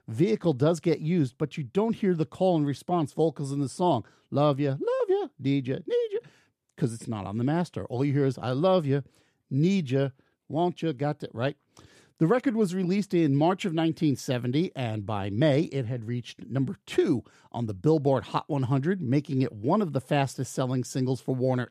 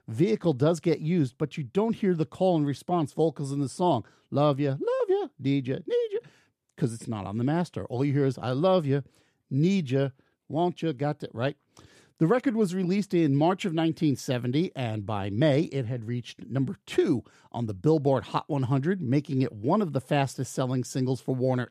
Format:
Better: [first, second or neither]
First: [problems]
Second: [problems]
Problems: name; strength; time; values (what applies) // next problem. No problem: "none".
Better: neither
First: none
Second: none